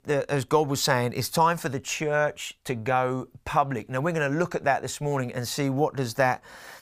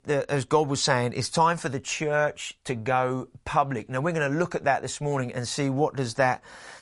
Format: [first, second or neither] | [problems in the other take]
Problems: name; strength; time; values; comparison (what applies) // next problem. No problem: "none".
first | garbled, watery; slightly; nothing above 11 kHz